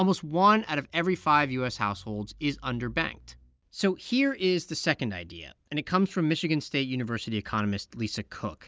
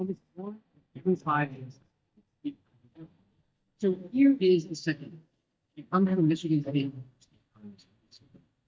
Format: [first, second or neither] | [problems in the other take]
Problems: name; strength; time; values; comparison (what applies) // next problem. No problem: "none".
first | noise reduction (neural mask model DeepFilterNet 3)